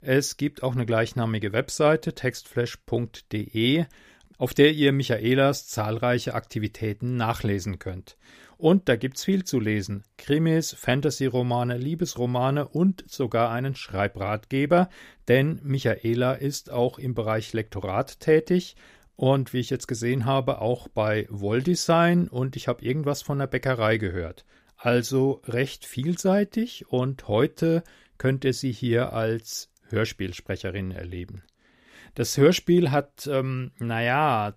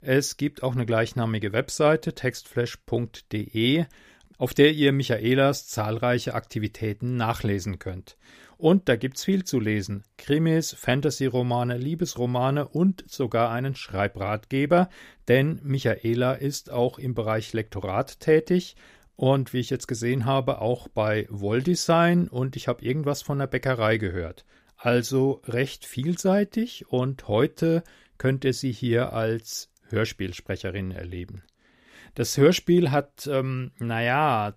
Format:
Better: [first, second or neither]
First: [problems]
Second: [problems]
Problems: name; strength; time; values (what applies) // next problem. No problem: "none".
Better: neither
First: none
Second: none